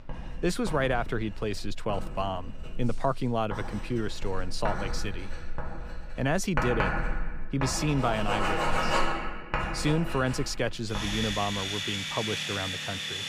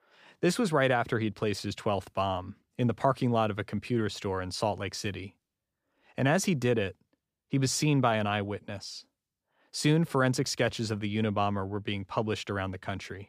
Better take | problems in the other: second | household noises; loud; throughout; 2 dB below the speech

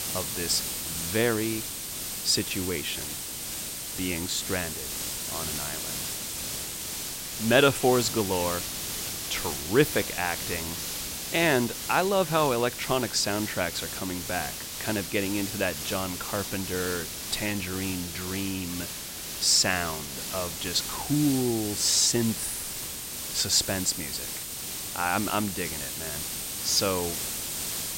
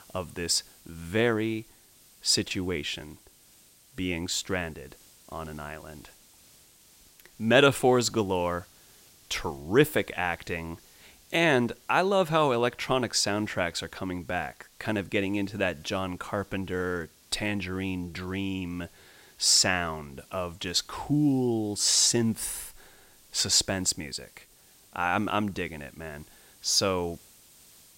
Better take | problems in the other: second | hiss; loud; throughout; 4 dB below the speech; faint in the second

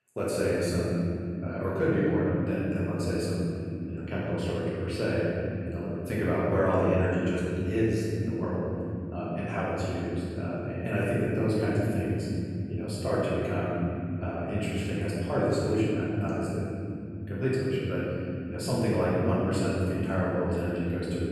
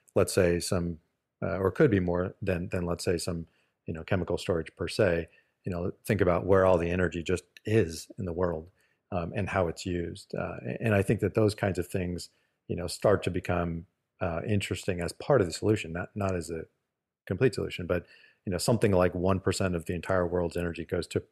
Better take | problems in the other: second | room echo; strong; dies away in 3 s // off-mic speech; far

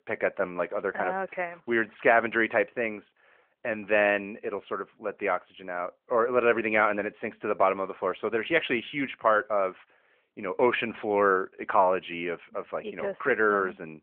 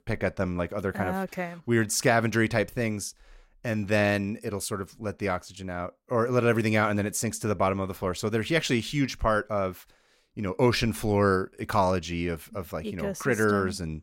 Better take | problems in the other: second | phone-call audio

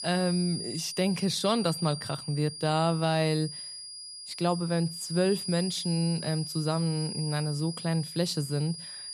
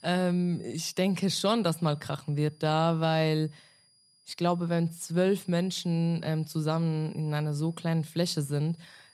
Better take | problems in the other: second | high-pitched whine; loud; throughout; 5 kHz, 8 dB below the speech; faint in the second

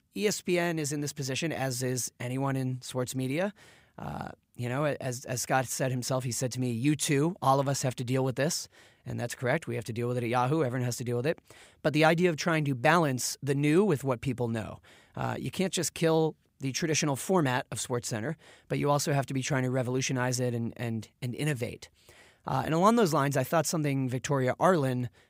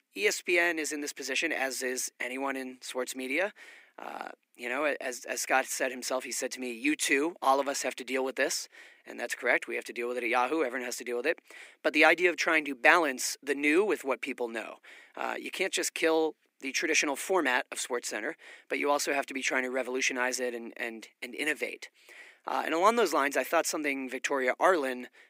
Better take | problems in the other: first | thin; somewhat; fading below 300 Hz

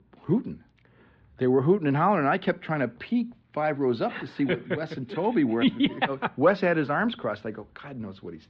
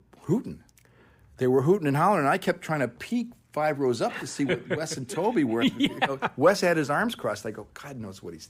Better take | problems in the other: second | muffled; slightly; fading above 4 kHz

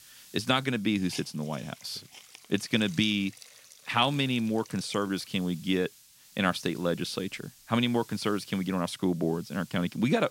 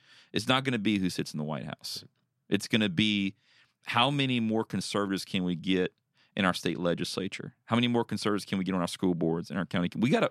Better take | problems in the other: second | hiss; noticeable; throughout; 20 dB below the speech

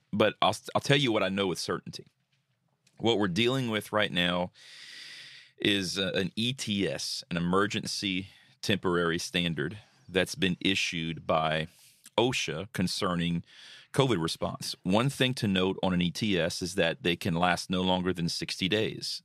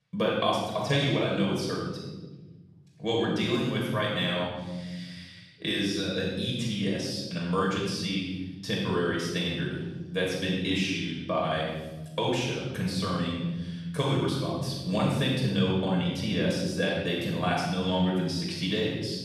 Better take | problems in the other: first | off-mic speech; far // room echo; strong; dies away in 1.8 s

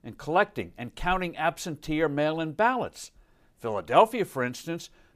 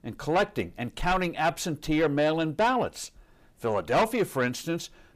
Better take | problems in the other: first | distortion; heavy; 7 dB below the speech

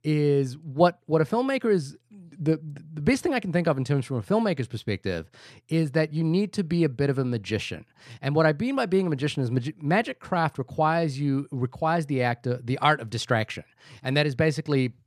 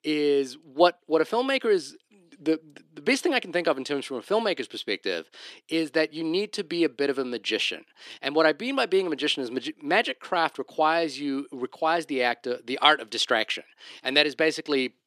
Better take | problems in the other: first | thin; somewhat; fading below 300 Hz

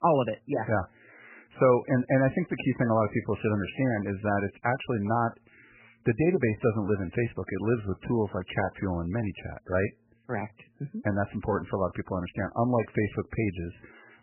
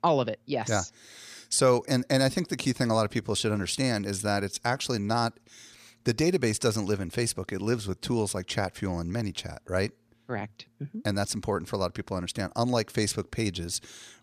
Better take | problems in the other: second | garbled, watery; badly; nothing above 3 kHz

